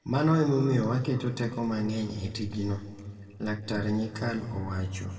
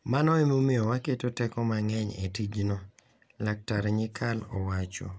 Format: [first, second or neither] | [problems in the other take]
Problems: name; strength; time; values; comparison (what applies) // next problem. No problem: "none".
second | room echo; dies away in 2 s